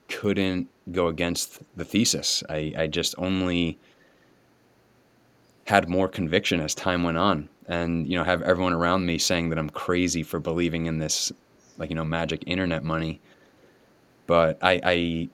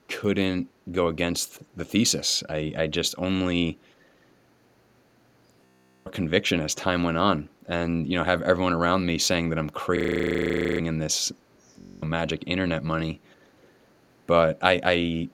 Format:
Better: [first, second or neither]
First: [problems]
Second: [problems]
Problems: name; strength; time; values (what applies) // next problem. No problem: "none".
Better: first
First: none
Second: audio freezing; at 5.5 s, at 10 s for 1 s and at 12 s